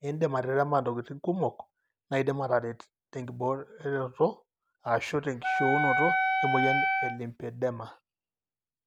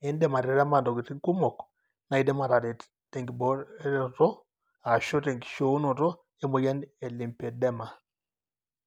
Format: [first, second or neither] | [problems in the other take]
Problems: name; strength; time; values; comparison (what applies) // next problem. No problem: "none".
second | background sound (Wind instrument, woodwind instrument); 4 dB above the speech